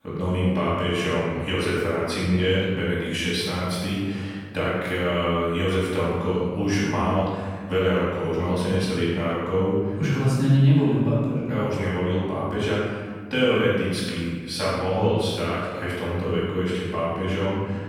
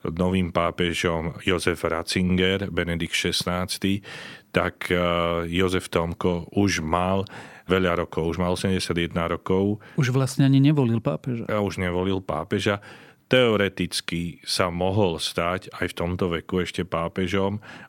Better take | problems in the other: second | room echo; strong; dies away in 1.5 s // off-mic speech; far

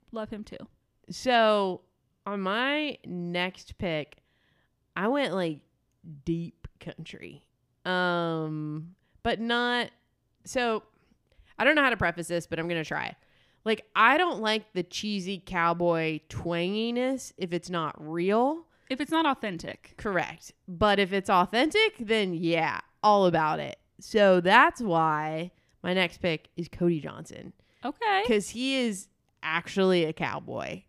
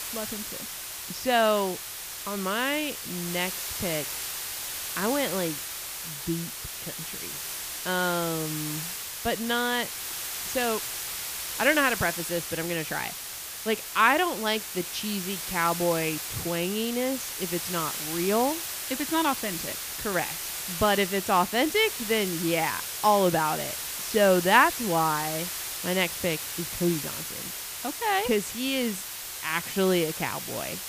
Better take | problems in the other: first | hiss; loud; throughout; 5 dB below the speech

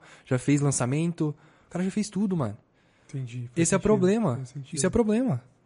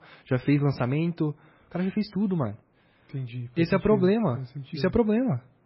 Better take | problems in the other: first | garbled, watery; badly; nothing above 5.5 kHz; slightly in the first

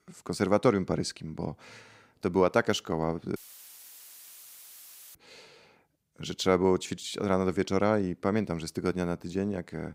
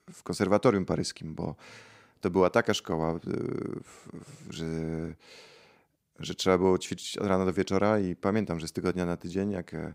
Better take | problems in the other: second | audio cutting out; filled with static; at 3.5 s for 2 s

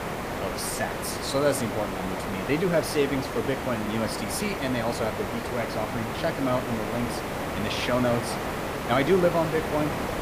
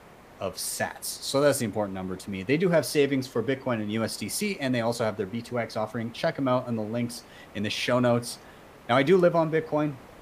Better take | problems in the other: second | hiss; loud; throughout; 3 dB below the speech; faint in the second

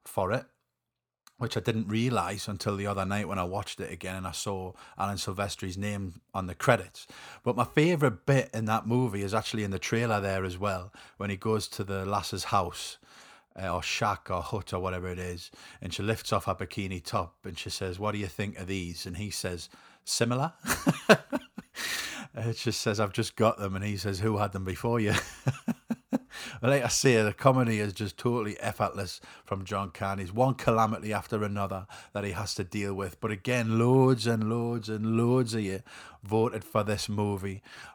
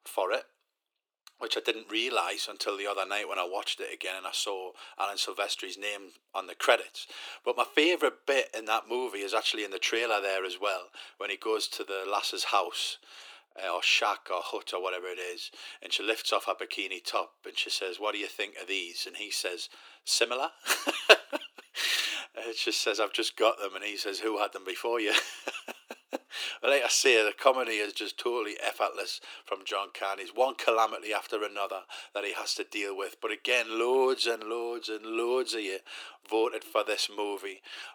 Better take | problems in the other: first | thin; very; fading below 300 Hz

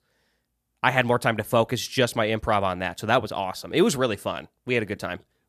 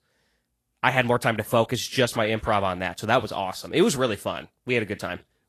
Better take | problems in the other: first | garbled, watery; slightly; nothing above 13 kHz

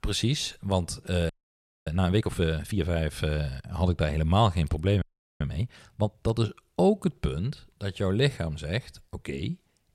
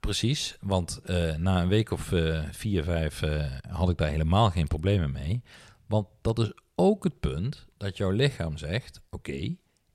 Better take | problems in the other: second | audio freezing; at 1.5 s for 0.5 s and at 5 s

